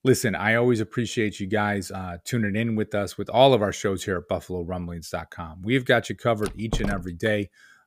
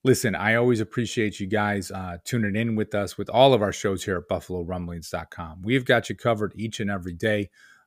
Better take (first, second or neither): second